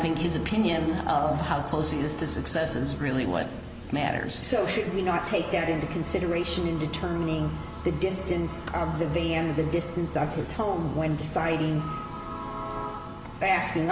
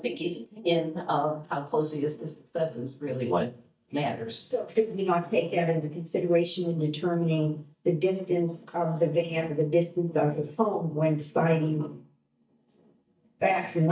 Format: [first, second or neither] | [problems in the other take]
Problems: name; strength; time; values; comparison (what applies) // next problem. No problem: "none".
first | noise reduction (neural mask model DeepFilterNet 3)